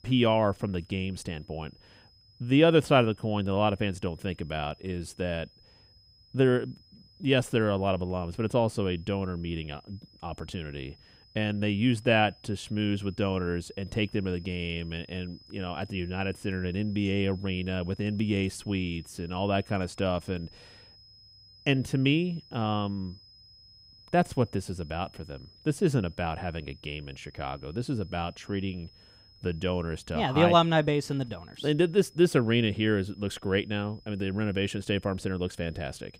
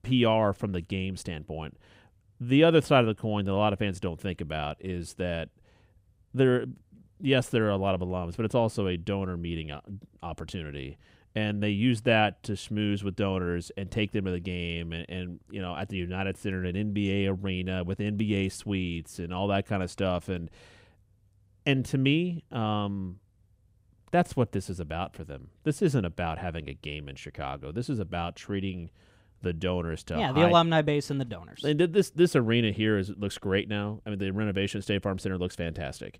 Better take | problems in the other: second | high-pitched whine; faint; throughout; 5 kHz, 25 dB below the speech

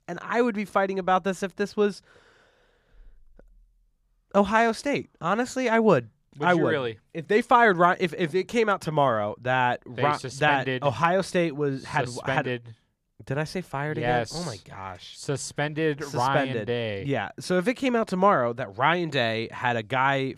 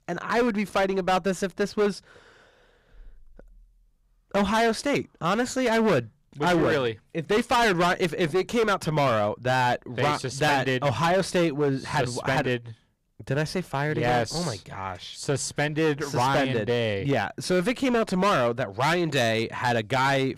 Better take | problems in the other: first | distortion; heavy; 13% of the sound clipped

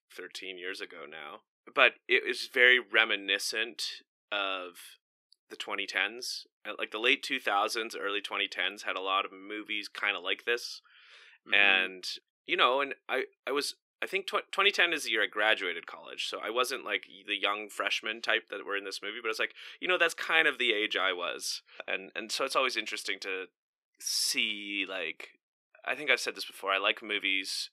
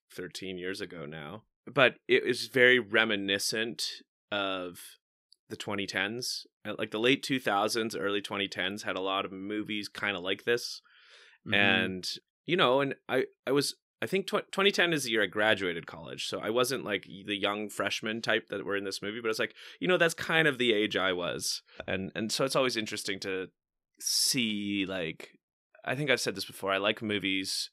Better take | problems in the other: second | thin; somewhat; fading below 350 Hz

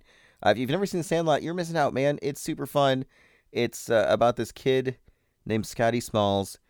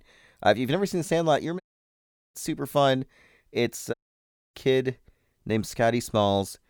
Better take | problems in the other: first | audio cutting out; at 1.5 s for 0.5 s and at 4 s for 0.5 s

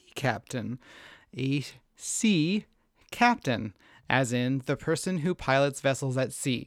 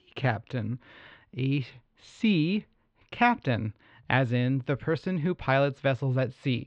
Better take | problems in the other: first | muffled; slightly; fading above 3.5 kHz

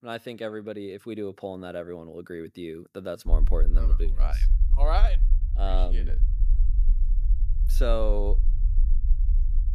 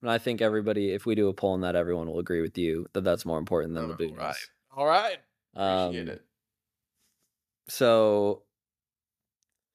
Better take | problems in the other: second | low rumble; noticeable; from 3.5 s on; 15 dB below the speech

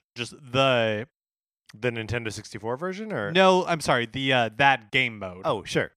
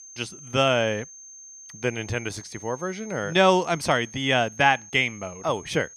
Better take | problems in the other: first | high-pitched whine; noticeable; throughout; 6.5 kHz, 20 dB below the speech

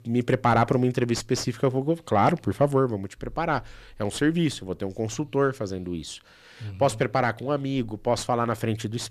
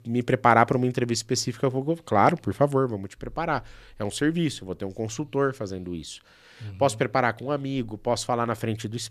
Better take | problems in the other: second | distortion; slight; 10 dB below the speech

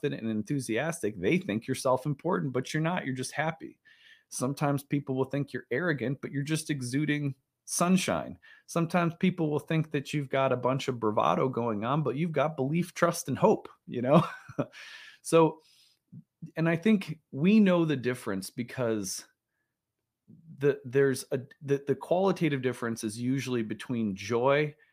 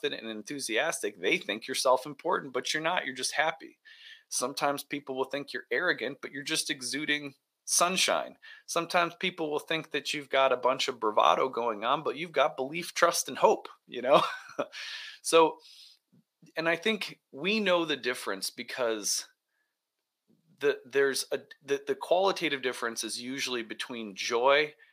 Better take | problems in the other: first | thin; somewhat; fading below 500 Hz

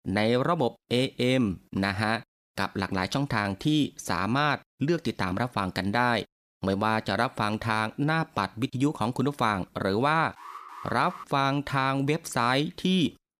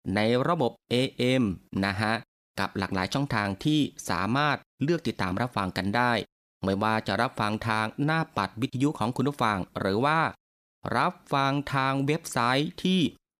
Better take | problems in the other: second | alarm; faint; at 10 s; peak 15 dB below the speech

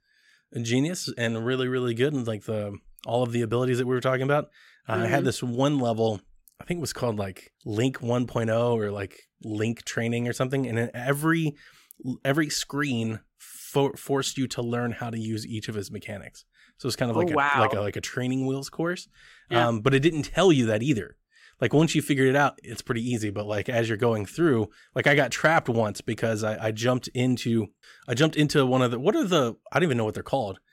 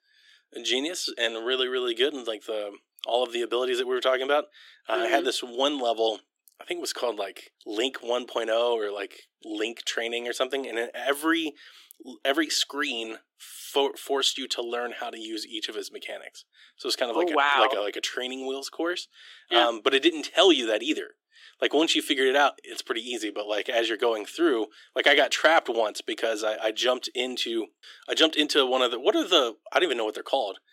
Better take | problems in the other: first | thin; somewhat; fading below 300 Hz

